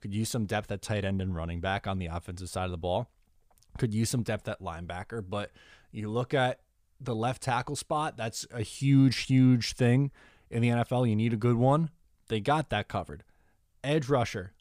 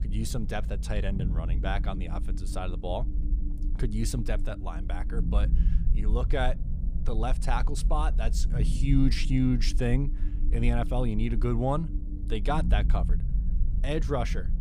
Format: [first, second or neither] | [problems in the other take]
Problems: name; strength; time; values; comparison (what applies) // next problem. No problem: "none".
first | low rumble; noticeable; throughout; 15 dB below the speech